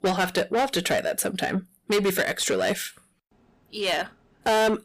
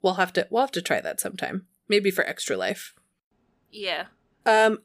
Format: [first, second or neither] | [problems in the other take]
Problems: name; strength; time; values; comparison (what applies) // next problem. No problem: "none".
second | distortion; heavy; 6 dB below the speech